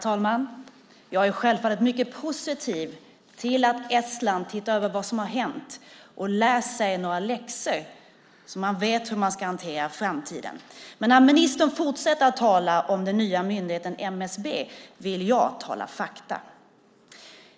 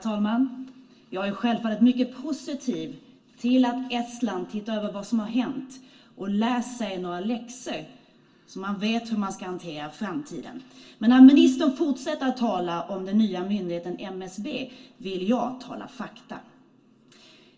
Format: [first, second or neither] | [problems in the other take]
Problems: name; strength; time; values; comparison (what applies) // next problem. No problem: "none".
first | room echo; dies away in 0.2 s